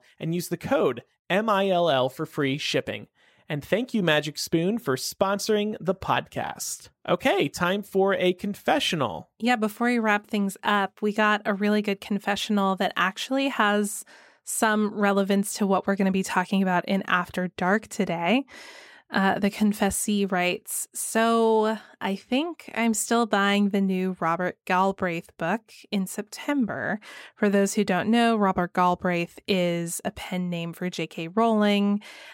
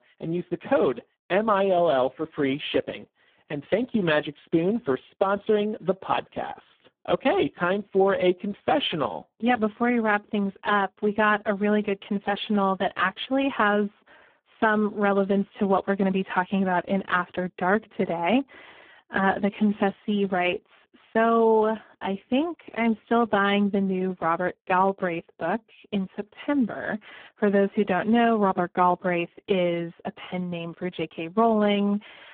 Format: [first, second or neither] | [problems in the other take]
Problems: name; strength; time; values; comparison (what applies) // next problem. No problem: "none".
first | phone-call audio; poor line